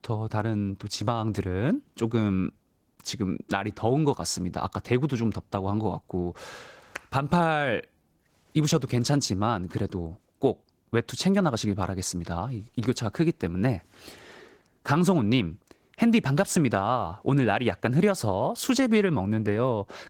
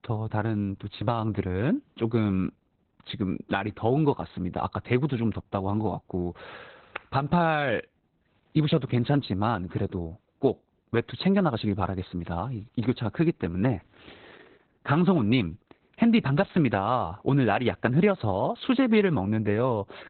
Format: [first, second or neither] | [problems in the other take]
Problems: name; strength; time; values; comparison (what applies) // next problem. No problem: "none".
first | garbled, watery; badly; nothing above 4 kHz; slightly in the first